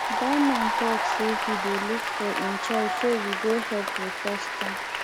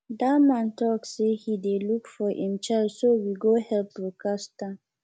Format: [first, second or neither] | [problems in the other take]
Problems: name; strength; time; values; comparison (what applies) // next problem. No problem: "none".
second | background sound (Applause / Cheering); 1 dB above the speech